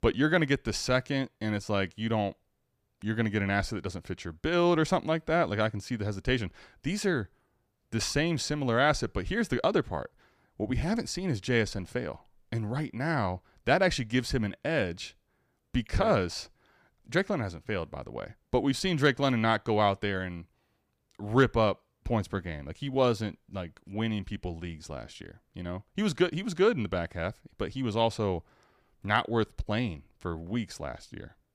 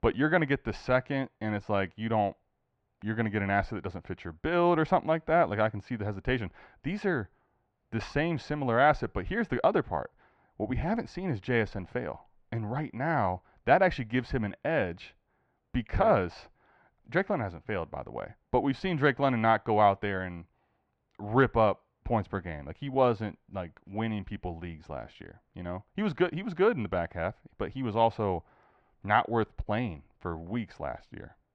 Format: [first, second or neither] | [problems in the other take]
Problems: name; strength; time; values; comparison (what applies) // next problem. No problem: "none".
first | muffled; very; fading above 2 kHz